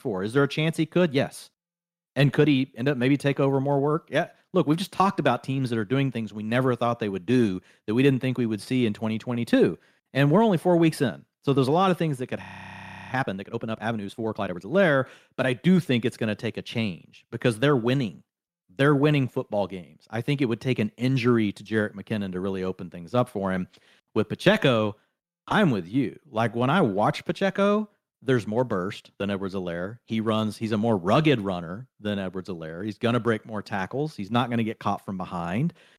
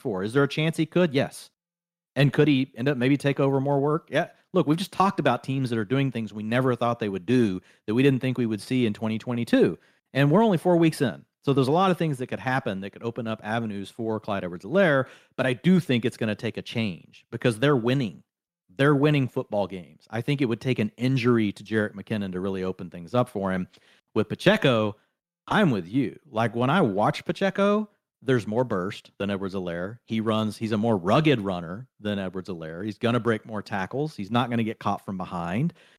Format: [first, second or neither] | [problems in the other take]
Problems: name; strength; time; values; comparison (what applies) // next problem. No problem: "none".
second | audio freezing; at 12 s for 0.5 s